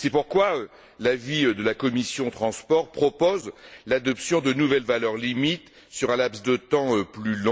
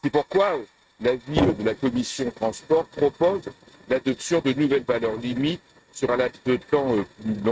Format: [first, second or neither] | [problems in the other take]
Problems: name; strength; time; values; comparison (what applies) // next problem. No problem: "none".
first | noise reduction (neural mask model RNNoise)